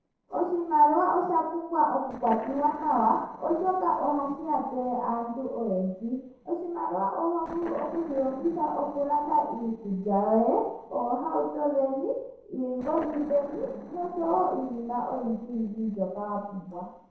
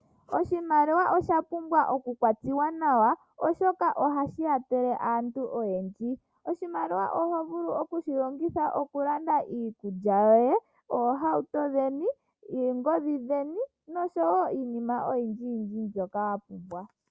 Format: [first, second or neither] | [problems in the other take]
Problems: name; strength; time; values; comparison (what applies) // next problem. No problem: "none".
second | noise reduction (neural separator model SepFormer DNS4)